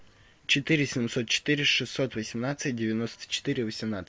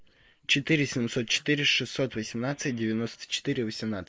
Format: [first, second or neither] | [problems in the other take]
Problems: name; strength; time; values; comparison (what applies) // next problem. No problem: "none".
first | noise reduction (neural mask model Resemble Enhance denoiser)